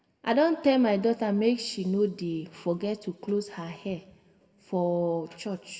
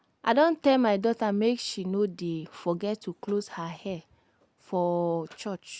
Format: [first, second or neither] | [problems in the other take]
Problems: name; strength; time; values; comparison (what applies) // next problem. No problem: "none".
second | room echo; dies away in 0.9 s